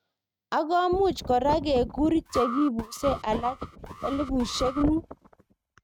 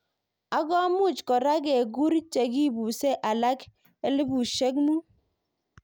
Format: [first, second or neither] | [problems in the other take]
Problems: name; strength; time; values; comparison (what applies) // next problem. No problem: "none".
second | noise reduction (neural mask model RNNoise)